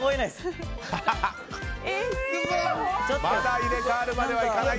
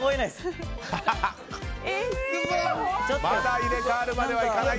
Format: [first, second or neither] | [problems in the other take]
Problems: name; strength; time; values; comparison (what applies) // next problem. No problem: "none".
second | background sound (Harmonica); 17 dB below the speech